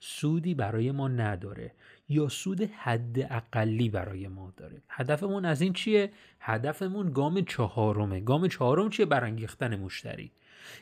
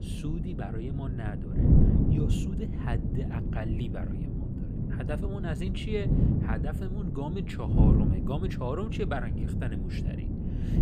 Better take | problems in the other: first | wind noise on the microphone; heavy; as loud as the speech

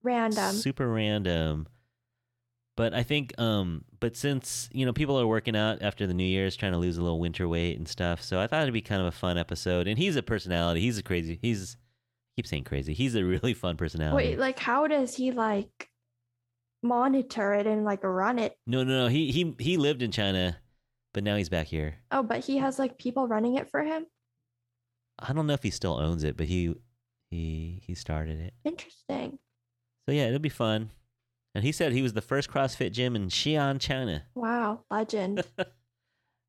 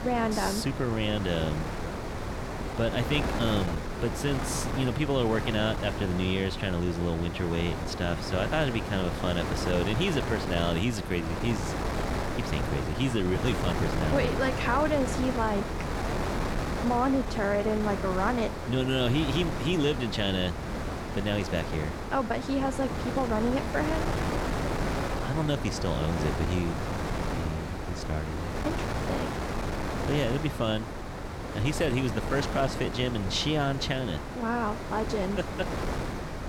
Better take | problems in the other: first | wind noise on the microphone; heavy; 4 dB below the speech

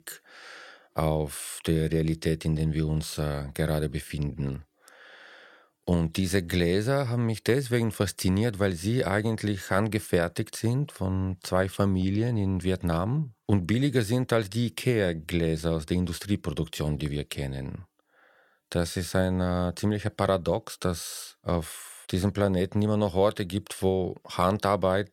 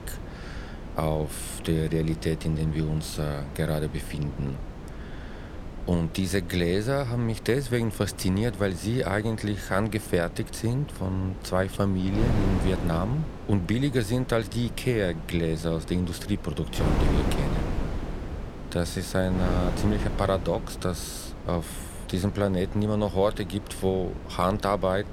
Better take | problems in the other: first | wind noise on the microphone; occasional gusts; 10 dB below the speech

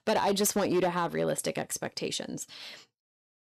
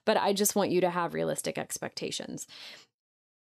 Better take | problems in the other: second | distortion; slight; 5% of the sound clipped

